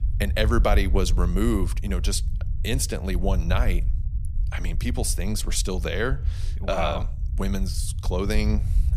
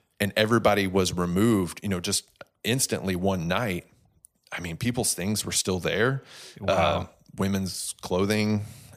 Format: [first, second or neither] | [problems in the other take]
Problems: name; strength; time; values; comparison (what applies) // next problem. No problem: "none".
second | low rumble; noticeable; throughout; 20 dB below the speech